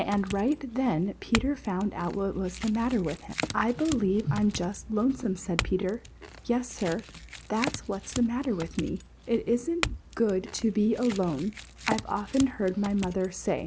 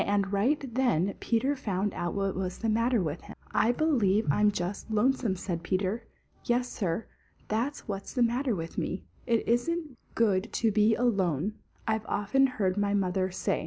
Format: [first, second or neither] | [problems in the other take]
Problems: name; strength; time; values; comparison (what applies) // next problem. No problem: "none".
second | background sound (Chink, clink / Domestic sounds, home sounds); 11 dB below the speech